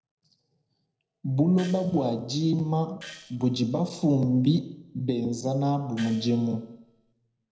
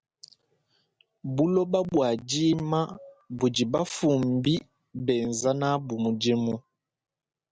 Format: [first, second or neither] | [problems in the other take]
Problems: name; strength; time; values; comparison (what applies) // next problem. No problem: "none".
second | noise reduction (neural separator model SepFormer DNS4)